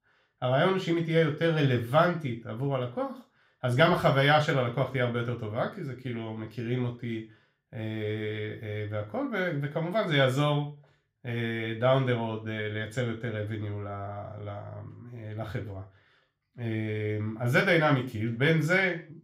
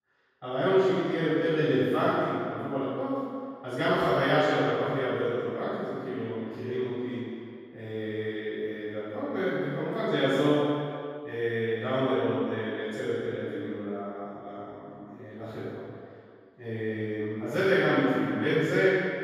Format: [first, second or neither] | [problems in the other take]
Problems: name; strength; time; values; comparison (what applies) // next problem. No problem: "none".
first | room echo; strong; dies away in 2.1 s; slight in the first // off-mic speech; far; somewhat distant in the first